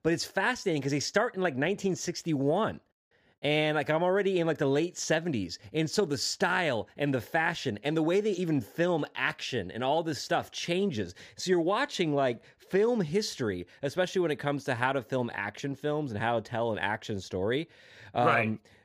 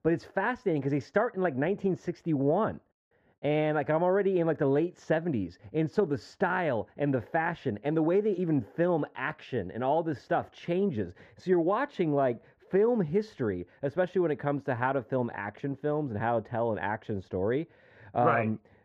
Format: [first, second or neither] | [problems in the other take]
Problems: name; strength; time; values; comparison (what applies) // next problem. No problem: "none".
first | muffled; very; fading above 3 kHz